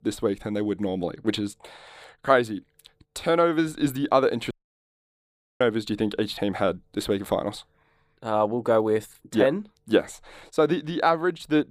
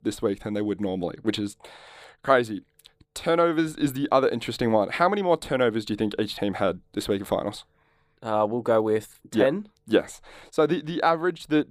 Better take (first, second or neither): second